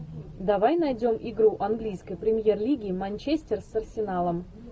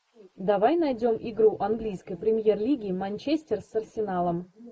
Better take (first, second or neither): first